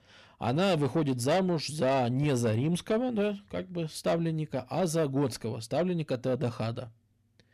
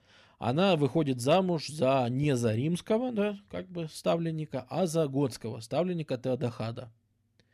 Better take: second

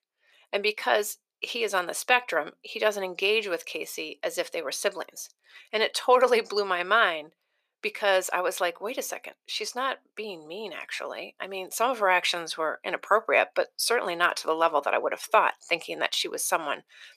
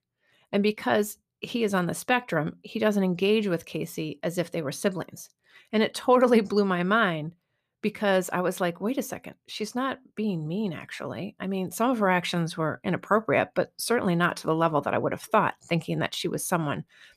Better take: second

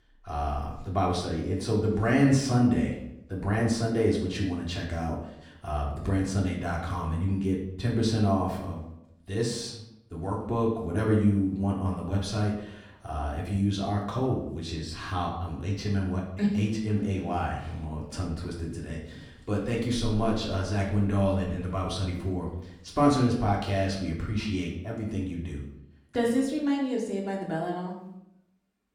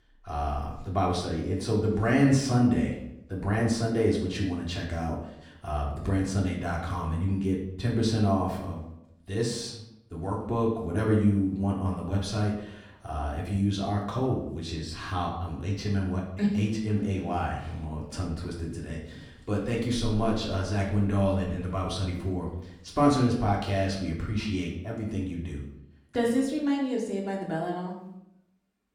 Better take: neither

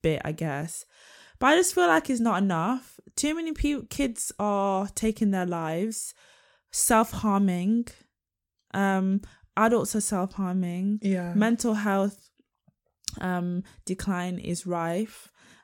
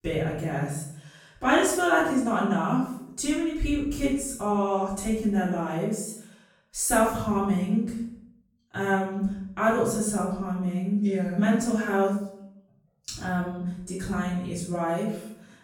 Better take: first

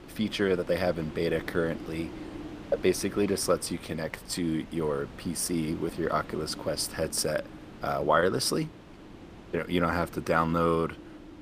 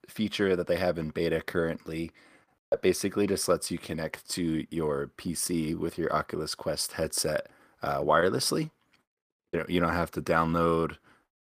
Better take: second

